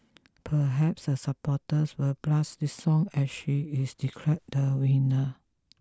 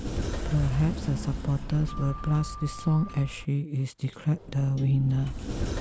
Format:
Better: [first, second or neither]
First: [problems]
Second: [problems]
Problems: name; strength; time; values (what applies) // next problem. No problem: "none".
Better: first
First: none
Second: background sound (Sliding door); 6 dB below the speech